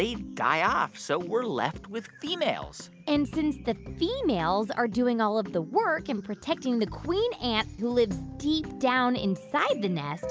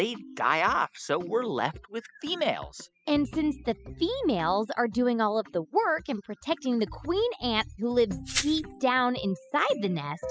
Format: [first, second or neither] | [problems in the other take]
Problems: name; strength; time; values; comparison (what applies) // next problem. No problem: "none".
first | noise reduction (classical method spectral subtraction)